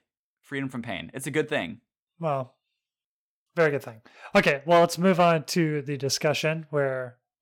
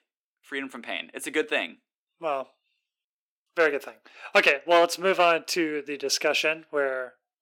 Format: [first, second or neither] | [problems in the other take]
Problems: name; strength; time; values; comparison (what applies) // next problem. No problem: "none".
first | thin; somewhat; fading below 300 Hz